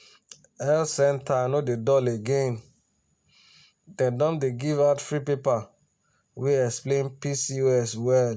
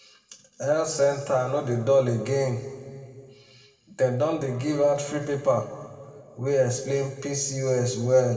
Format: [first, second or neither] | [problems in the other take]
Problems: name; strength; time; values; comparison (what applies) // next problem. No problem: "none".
first | room echo; dies away in 1.8 s